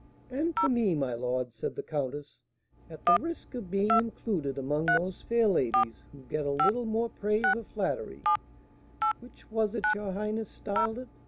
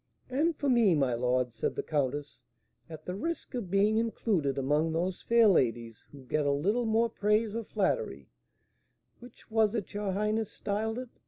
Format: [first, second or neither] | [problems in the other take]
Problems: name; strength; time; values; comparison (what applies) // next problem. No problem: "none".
second | background sound (Telephone); 2 dB below the speech